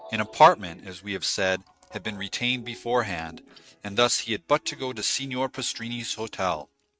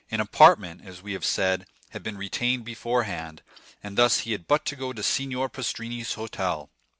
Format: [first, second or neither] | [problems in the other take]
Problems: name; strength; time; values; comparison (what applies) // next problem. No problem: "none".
second | noise reduction (neural mask model RNNoise)